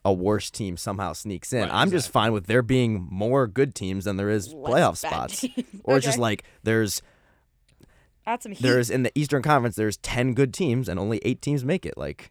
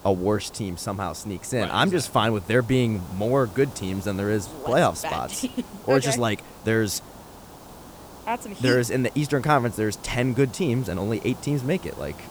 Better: first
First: none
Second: hiss; noticeable; throughout; 20 dB below the speech

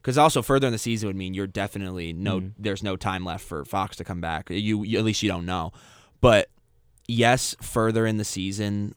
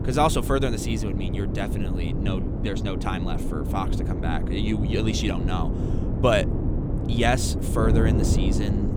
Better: first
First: none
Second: wind noise on the microphone; heavy; 6 dB below the speech

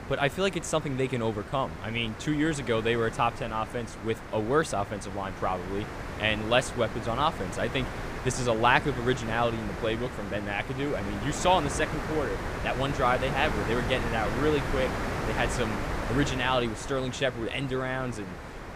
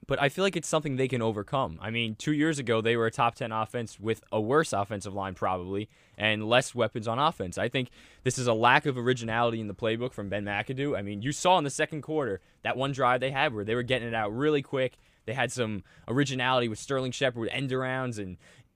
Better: second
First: wind noise on the microphone; heavy; 7 dB below the speech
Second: none

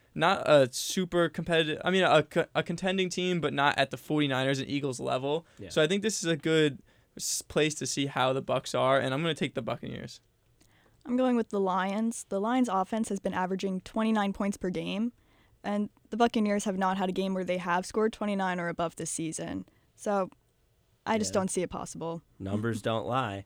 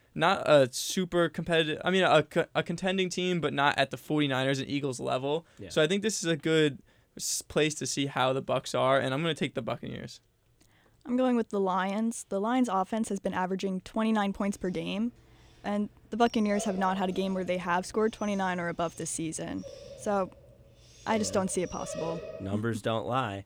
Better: first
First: none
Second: dog barking; noticeable; from 16 to 22 s; peak 9 dB below the speech

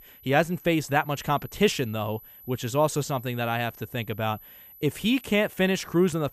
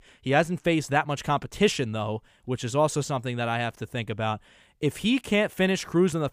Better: second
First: high-pitched whine; noticeable; throughout; 12 kHz, 20 dB below the speech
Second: none

